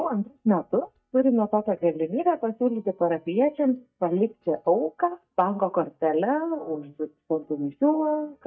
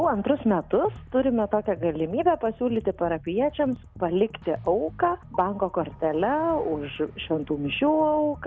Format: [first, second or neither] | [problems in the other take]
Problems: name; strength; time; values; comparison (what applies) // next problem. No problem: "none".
second | noise reduction (neural mask model DeepFilterNet 3)